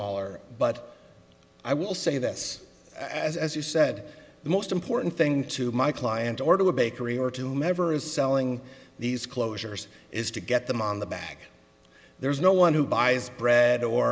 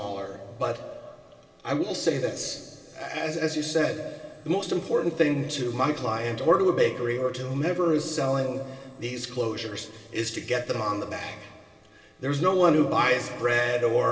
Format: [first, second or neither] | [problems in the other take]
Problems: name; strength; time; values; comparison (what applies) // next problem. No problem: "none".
first | room echo; dies away in 2 s